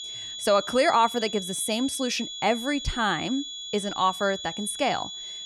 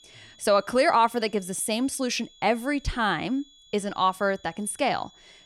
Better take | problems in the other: second | high-pitched whine; loud; throughout; 3.5 kHz, 8 dB below the speech; faint in the second

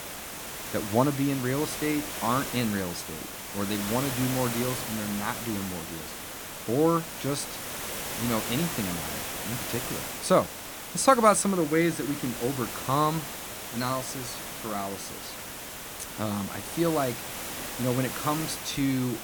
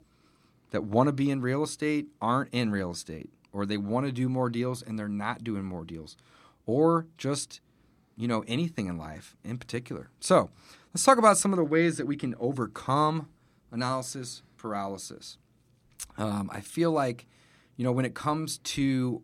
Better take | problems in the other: second | hiss; loud; throughout; 6 dB below the speech

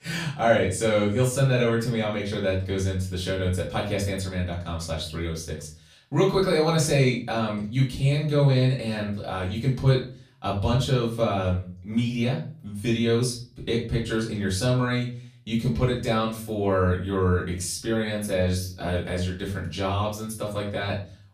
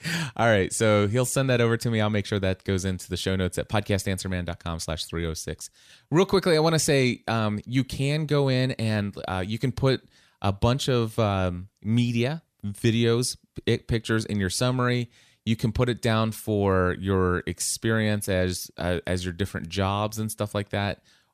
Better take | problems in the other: second | off-mic speech; far // room echo; slight; dies away in 0.4 s

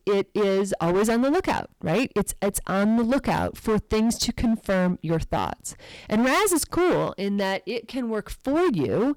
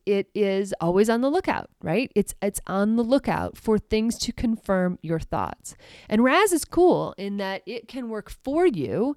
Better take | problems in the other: second | distortion; heavy; 18% of the sound clipped

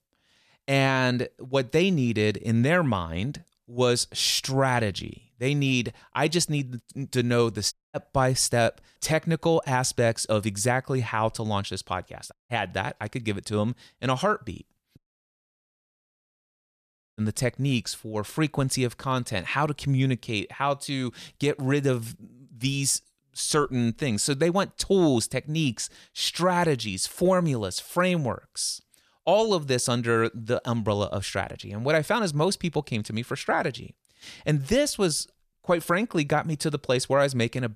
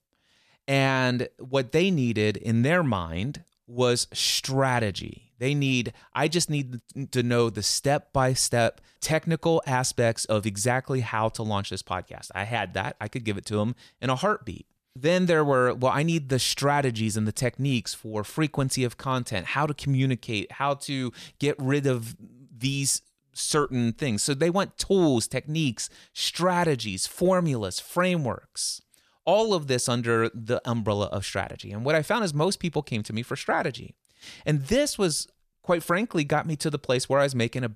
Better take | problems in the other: second | audio cutting out; at 7.5 s, at 12 s and at 15 s for 2 s

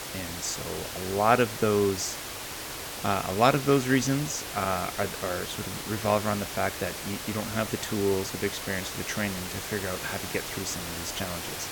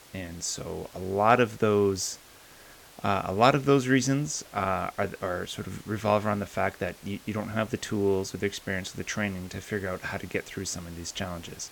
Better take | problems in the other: second | hiss; loud; throughout; 6 dB below the speech; faint in the second

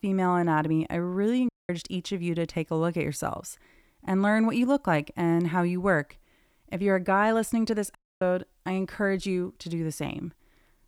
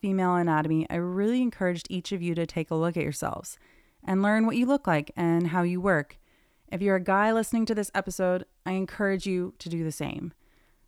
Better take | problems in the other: second | audio cutting out; at 1.5 s and at 8 s

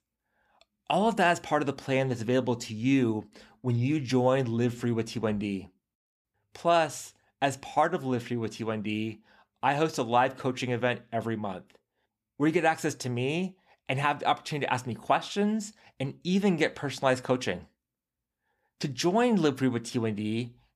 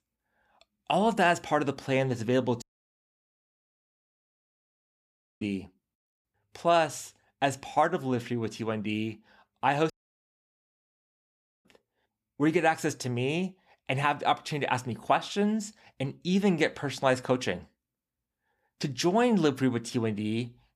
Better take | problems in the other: first | audio cutting out; at 2.5 s for 3 s and at 10 s for 2 s

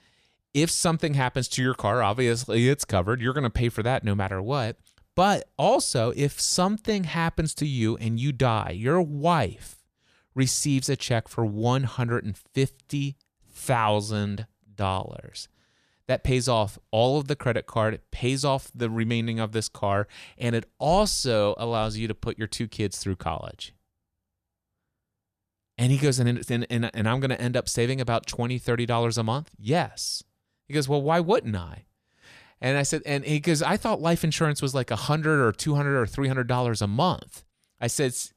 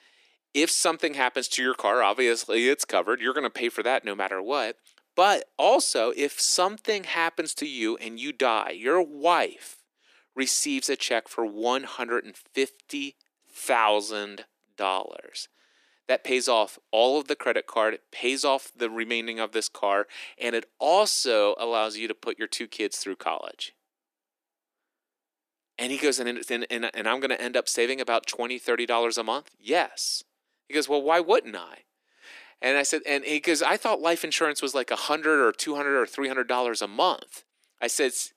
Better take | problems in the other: first | thin; somewhat; fading below 300 Hz

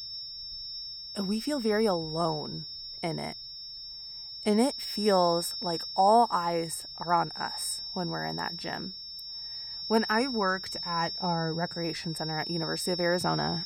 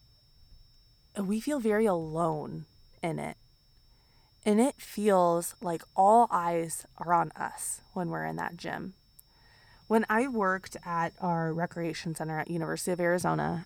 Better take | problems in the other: second | high-pitched whine; loud; throughout; 5.5 kHz, 6 dB below the speech; faint in the second

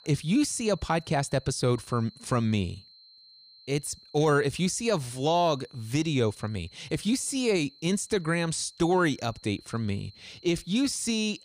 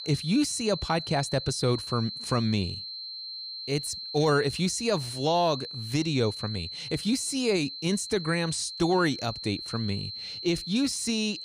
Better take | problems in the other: first | high-pitched whine; loud; throughout; 4 kHz, 8 dB below the speech; faint in the first

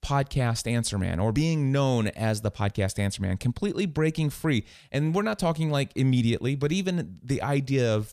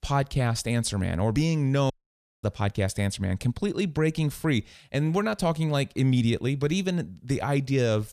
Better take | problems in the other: first | audio cutting out; at 2 s for 0.5 s

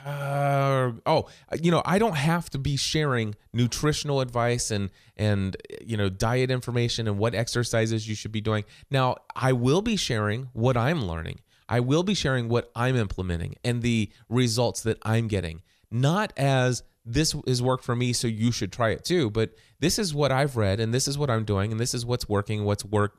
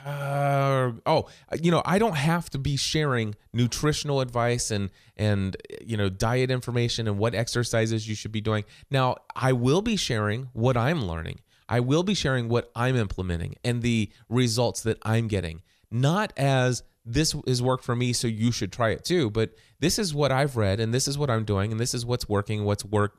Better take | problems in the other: neither | none

